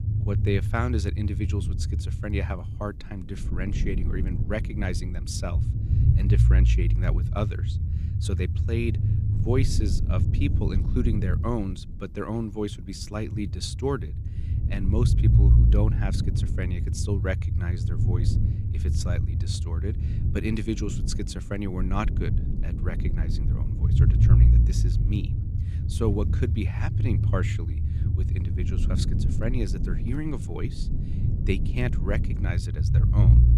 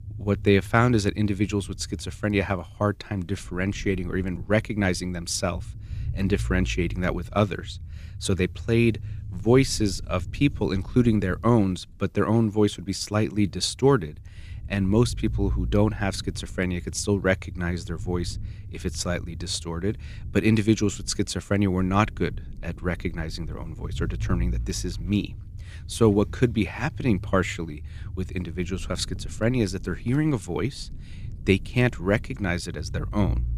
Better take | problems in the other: second | low rumble; loud; throughout; 4 dB below the speech; faint in the second

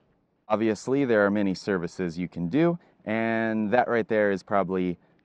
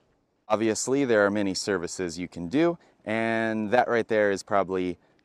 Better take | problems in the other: second | muffled; slightly; fading above 3.5 kHz

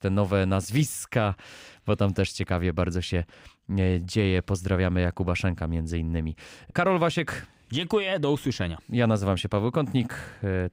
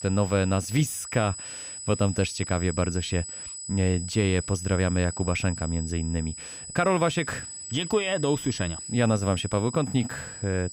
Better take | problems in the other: first | high-pitched whine; loud; throughout; 8 kHz, 9 dB below the speech

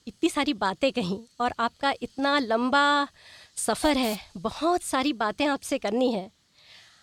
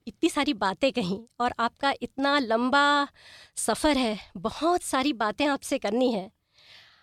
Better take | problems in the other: second | hiss; noticeable; throughout; 15 dB below the speech

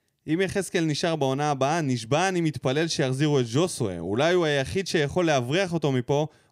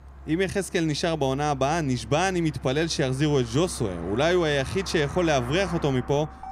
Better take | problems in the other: first | traffic noise; noticeable; throughout; 15 dB below the speech

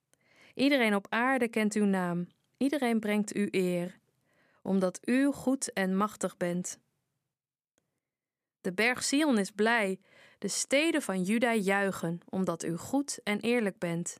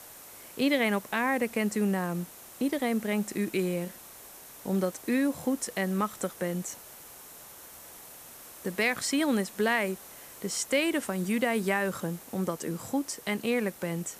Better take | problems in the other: first | hiss; noticeable; throughout; 15 dB below the speech

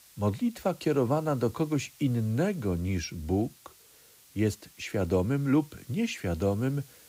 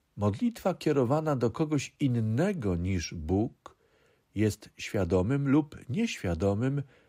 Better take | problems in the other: second | hiss; faint; throughout; 25 dB below the speech

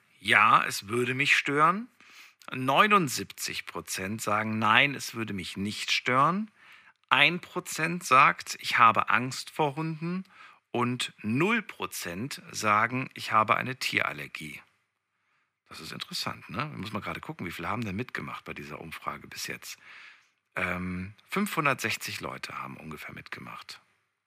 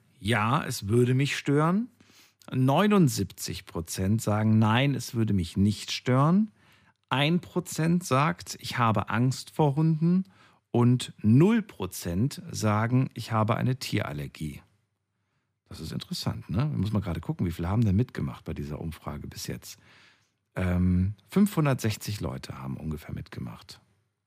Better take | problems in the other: second | thin; very; fading below 500 Hz

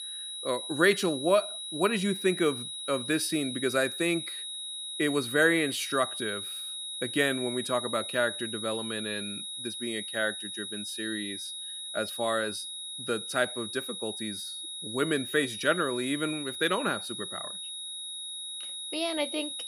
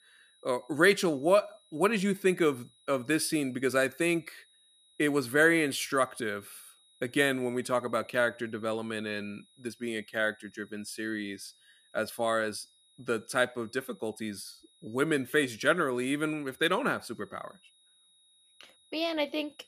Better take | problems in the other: second | high-pitched whine; loud; throughout; 4 kHz, 6 dB below the speech; faint in the second

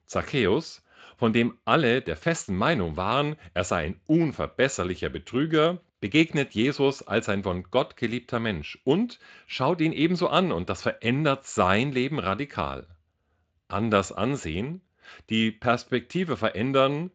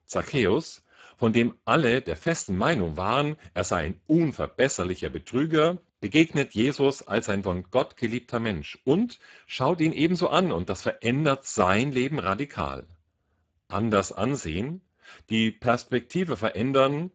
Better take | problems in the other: first | garbled, watery; badly; nothing above 7.5 kHz; slightly in the first

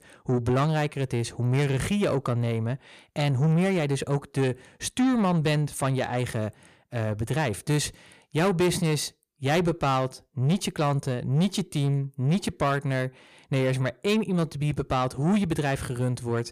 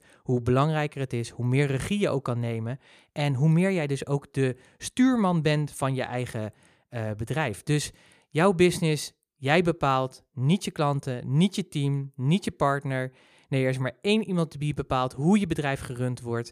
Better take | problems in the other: second | distortion; slight; 10 dB below the speech

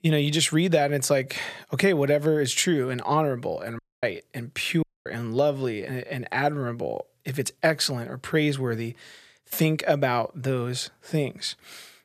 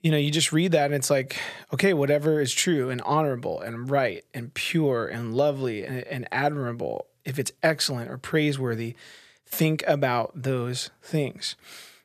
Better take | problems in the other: second | audio cutting out; at 4 s and at 5 s

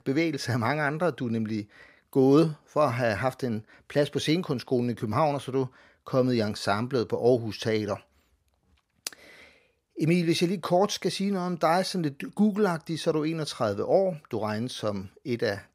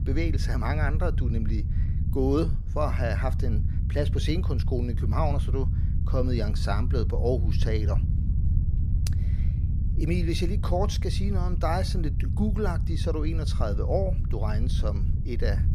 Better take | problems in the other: first | low rumble; noticeable; throughout; 10 dB below the speech

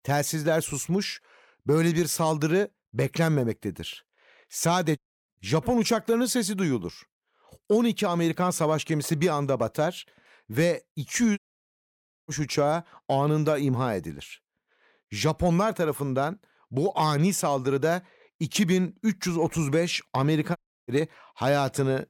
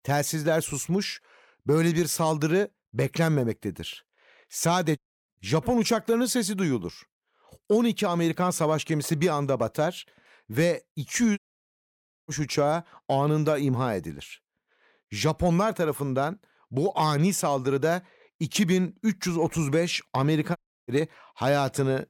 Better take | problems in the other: neither | audio cutting out; at 5 s, at 11 s for 1 s and at 21 s; the same in both

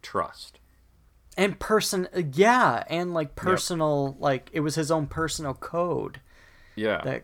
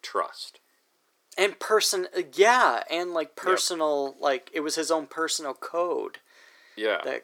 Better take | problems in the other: first | thin; somewhat; fading below 350 Hz

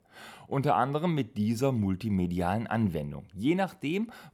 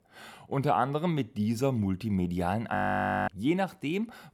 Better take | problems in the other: first | audio freezing; at 3 s for 0.5 s

